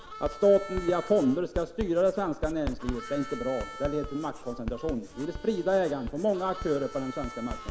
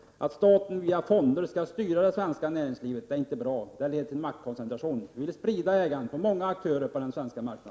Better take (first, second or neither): second